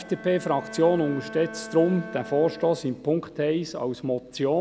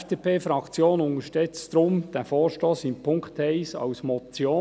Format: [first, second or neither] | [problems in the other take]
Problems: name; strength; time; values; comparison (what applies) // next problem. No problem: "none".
second | background sound (Bowed string instrument); 16 dB below the speech